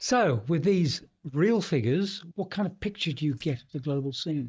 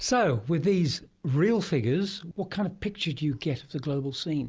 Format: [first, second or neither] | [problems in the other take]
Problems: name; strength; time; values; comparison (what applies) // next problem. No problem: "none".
second | noise reduction (neural mask model DeepFilterNet 3)